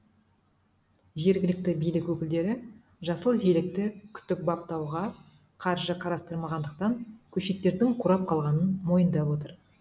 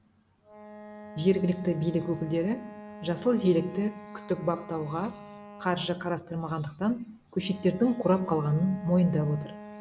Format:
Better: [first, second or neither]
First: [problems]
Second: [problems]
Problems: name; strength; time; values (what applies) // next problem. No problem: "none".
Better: first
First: none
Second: background sound (Wind instrument, woodwind instrument); 16 dB below the speech